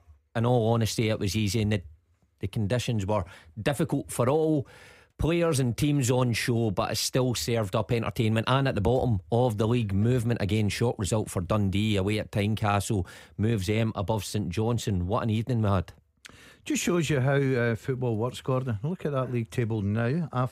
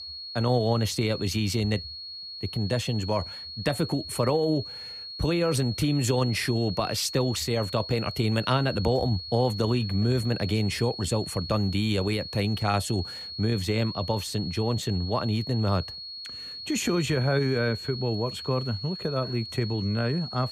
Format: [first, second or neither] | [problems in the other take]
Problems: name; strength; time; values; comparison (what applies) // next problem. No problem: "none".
first | high-pitched whine; loud; throughout; 4.5 kHz, 9 dB below the speech